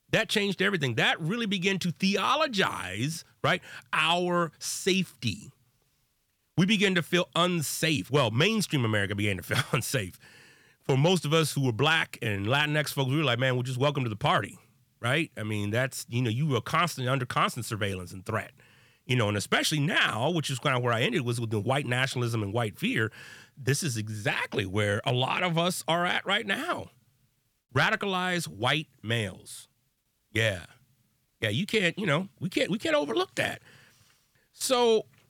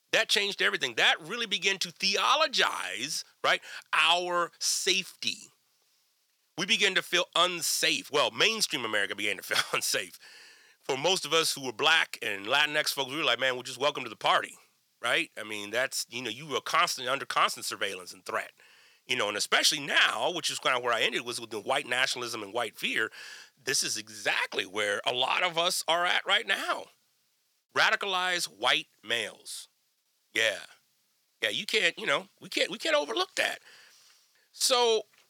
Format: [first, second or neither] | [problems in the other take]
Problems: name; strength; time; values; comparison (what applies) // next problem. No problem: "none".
first | thin; very; fading below 500 Hz